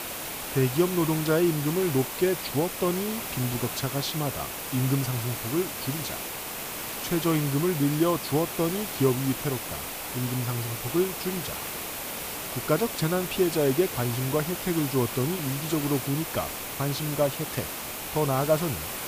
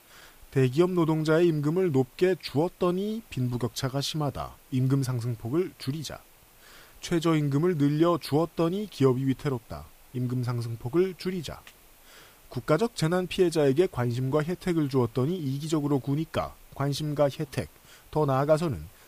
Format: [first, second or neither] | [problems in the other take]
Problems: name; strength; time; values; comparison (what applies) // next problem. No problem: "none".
second | hiss; loud; throughout; 5 dB below the speech; faint in the second